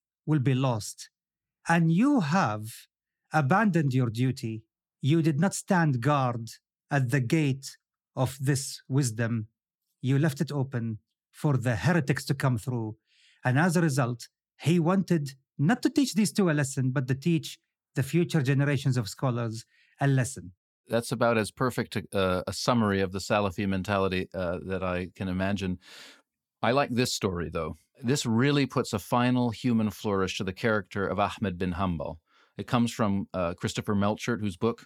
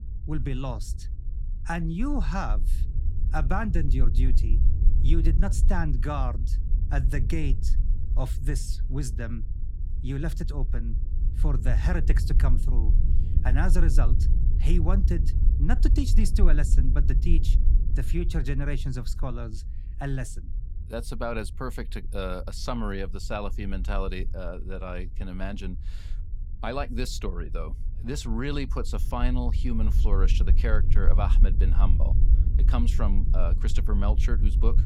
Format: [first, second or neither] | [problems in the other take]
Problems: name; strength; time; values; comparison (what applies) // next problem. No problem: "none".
first | low rumble; noticeable; throughout; 10 dB below the speech